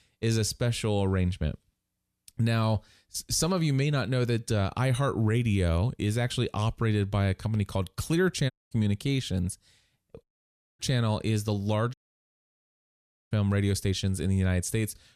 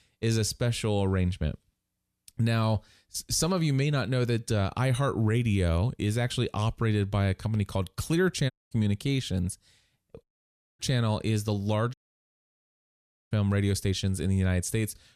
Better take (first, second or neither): neither